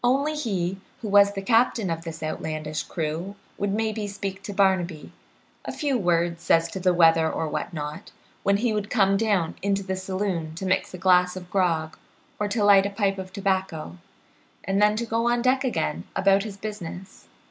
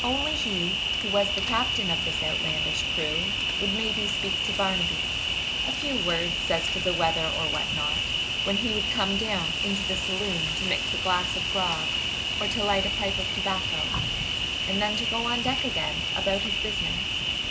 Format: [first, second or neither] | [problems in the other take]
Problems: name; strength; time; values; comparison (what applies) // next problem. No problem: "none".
first | background sound (Cricket); 4 dB above the speech